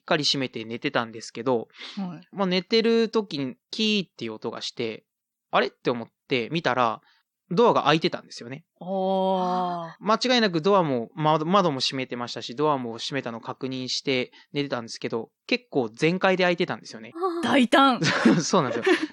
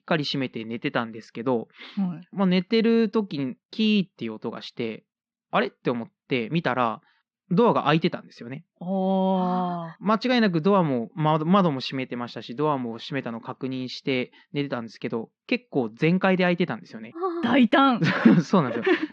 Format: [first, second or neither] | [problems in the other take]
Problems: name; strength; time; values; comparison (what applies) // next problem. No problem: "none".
first | muffled; very slightly; fading above 3 kHz